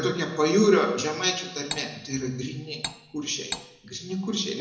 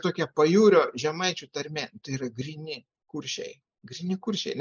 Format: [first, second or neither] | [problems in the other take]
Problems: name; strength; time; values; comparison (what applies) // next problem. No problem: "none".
second | background sound (Cutlery, silverware); 11 dB below the speech // room echo; dies away in 0.9 s